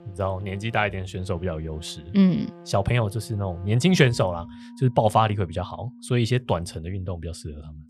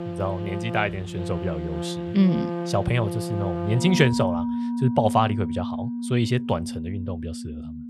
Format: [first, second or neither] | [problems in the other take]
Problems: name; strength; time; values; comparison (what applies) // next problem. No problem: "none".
first | background music; loud; throughout; 5 dB below the speech; faint in the first